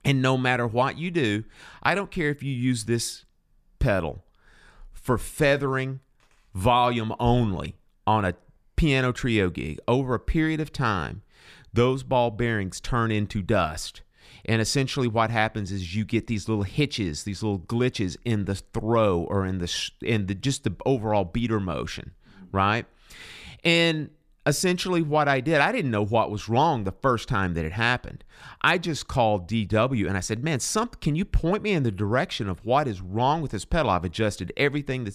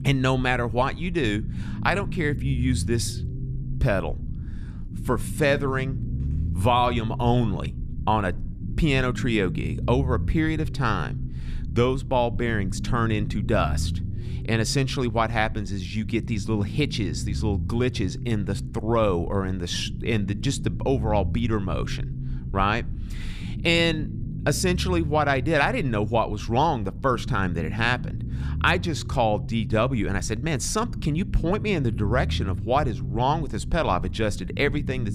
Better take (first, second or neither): first